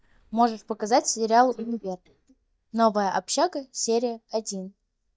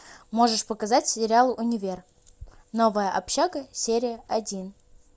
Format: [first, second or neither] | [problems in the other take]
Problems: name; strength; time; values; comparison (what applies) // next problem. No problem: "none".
second | noise reduction (neural mask model DeepFilterNet 3)